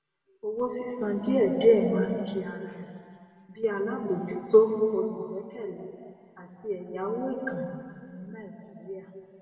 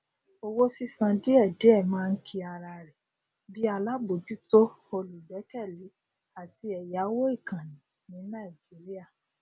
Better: second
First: room echo; dies away in 2.2 s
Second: none

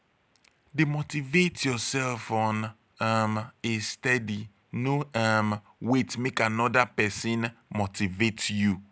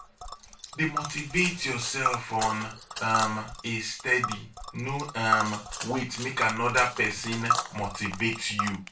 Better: first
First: none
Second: background sound (Tick); 5 dB below the speech // room echo; dies away in 0.2 s

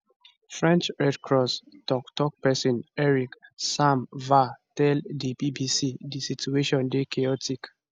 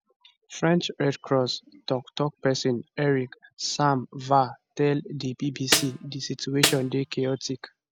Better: first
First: none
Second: background sound (Snare drum); 2 dB below the speech

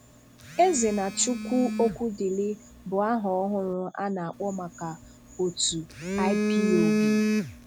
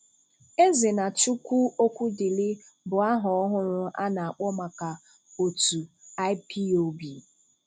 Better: second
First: background sound (Telephone); 2 dB below the speech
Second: none

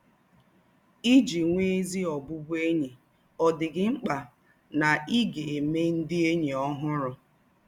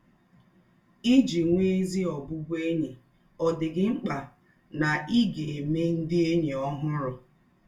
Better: first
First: none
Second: room echo; dies away in 0.2 s

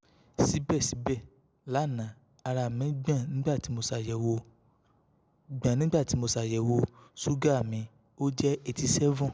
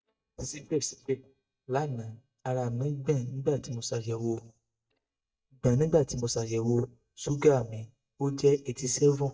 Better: first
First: none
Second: noise reduction (neural mask model DeepFilterNet 3)

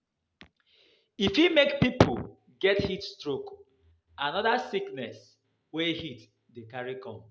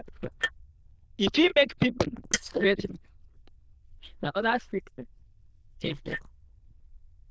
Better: first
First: none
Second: noise reduction (neural diffusion model UNIVERSE++)

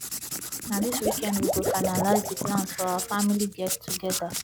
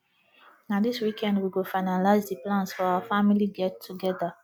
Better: second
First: background sound (Water / Liquid + Writing); 1 dB below the speech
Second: none

